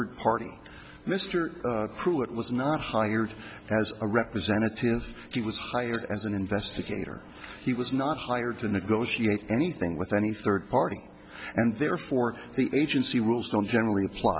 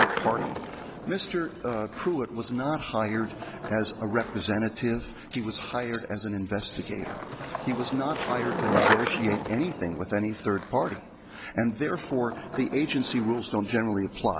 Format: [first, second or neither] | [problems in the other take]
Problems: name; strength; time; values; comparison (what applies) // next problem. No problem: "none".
first | background sound (Skateboard); 5 dB below the speech